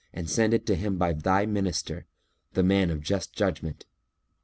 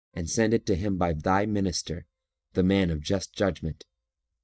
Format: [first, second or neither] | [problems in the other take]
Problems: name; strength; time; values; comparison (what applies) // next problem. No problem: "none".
first | noise reduction (neural mask model DeepFilterNet 3)